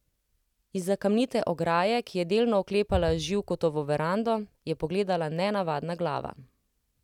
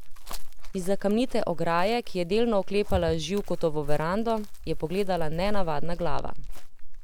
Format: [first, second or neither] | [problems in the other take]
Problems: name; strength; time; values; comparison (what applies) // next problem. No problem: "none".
first | background sound (Chirp, tweet); 2 dB above the speech